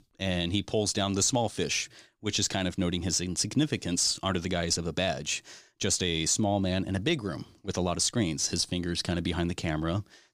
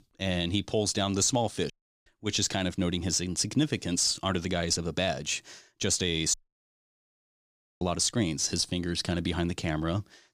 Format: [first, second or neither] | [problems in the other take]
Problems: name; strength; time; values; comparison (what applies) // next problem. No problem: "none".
first | audio cutting out; at 1.5 s and at 6.5 s for 1.5 s